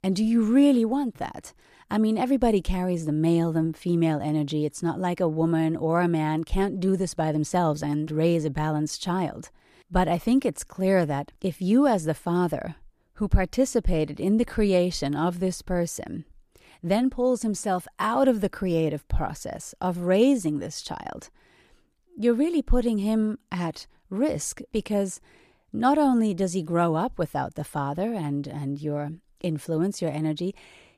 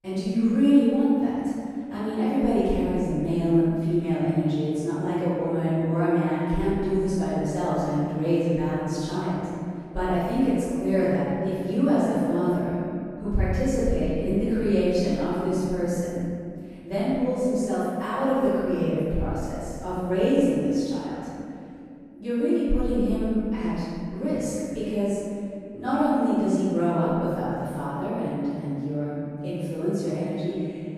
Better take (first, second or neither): first